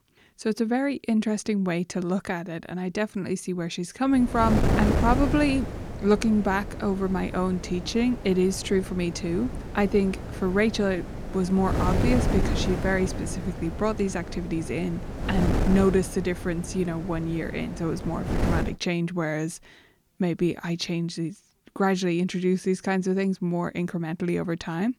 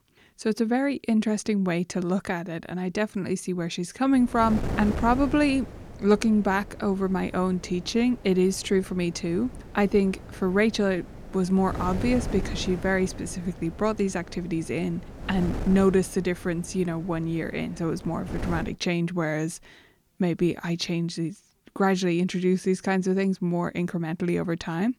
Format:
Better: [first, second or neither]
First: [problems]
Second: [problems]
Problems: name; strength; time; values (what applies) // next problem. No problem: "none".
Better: second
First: wind noise on the microphone; heavy; from 4 to 19 s; 7 dB below the speech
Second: wind noise on the microphone; occasional gusts; from 4 to 19 s; 15 dB below the speech